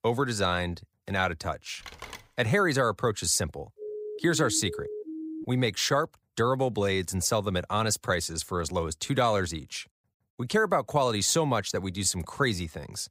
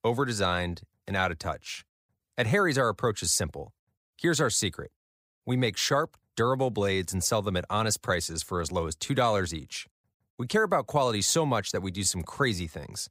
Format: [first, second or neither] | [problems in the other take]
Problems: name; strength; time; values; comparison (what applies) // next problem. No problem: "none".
second | phone ringing; faint; at 2 s; peak 15 dB below the speech // siren; faint; from 4 to 5.5 s; peak 10 dB below the speech